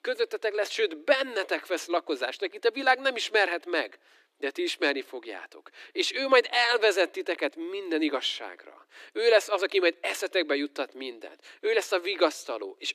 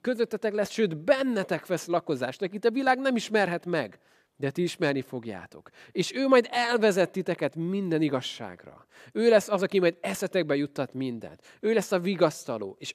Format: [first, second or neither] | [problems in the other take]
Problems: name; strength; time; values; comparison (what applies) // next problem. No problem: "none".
second | thin; somewhat; fading below 300 Hz